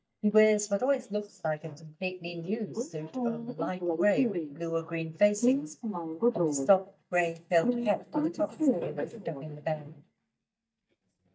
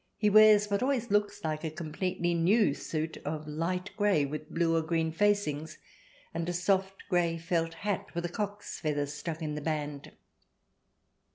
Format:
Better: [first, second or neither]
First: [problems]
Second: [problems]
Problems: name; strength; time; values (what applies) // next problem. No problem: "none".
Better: second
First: noise reduction (neural mask model DeepFilterNet 3)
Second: none